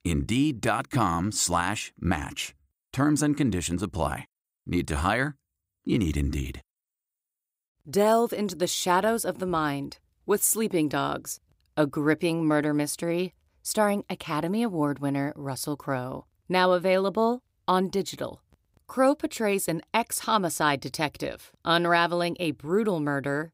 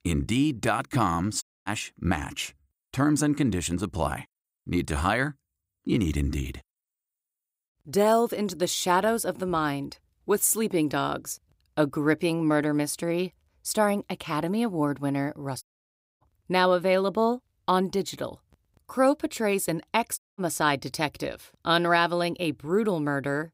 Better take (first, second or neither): first